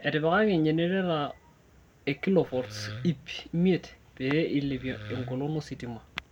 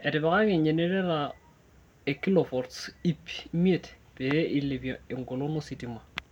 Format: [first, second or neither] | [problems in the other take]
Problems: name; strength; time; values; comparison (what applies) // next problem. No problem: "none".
second | background sound (Wood); 13 dB below the speech